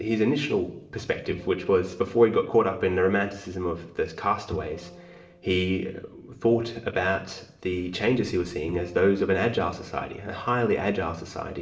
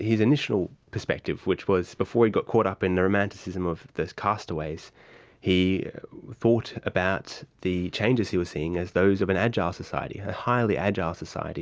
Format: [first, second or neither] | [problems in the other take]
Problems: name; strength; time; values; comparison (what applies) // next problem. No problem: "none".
second | noise reduction (neural separator model SepFormer DNS4)